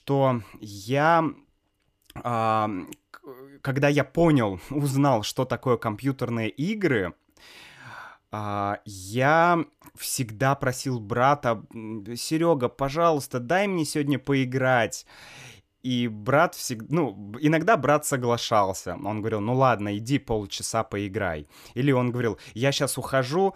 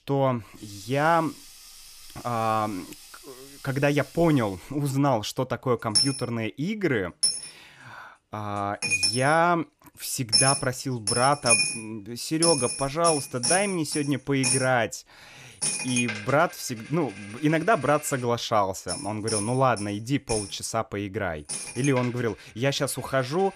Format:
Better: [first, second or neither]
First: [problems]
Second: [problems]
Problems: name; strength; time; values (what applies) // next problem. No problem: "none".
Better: first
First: none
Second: household noises; very loud; throughout; as loud as the speech